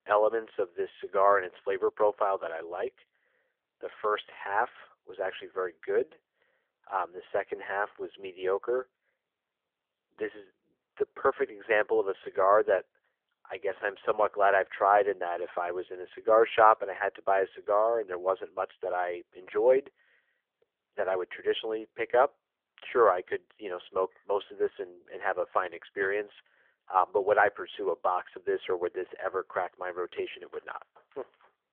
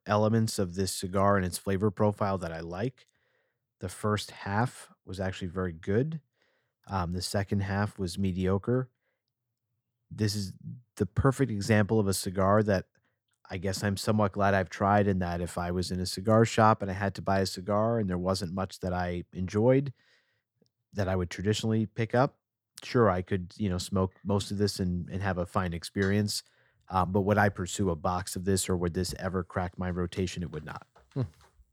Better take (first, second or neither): second